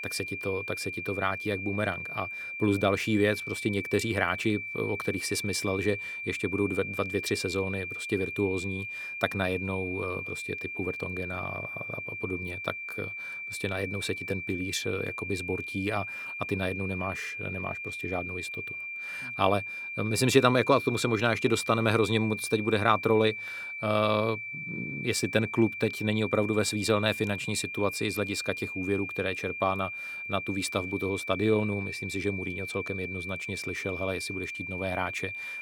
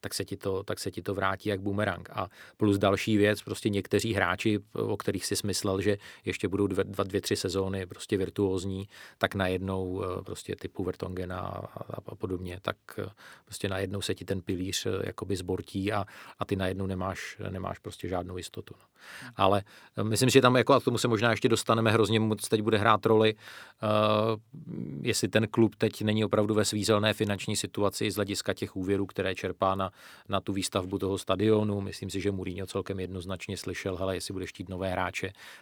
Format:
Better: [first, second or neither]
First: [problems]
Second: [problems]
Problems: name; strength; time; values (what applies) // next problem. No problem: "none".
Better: second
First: high-pitched whine; loud; throughout; 2.5 kHz, 5 dB below the speech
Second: none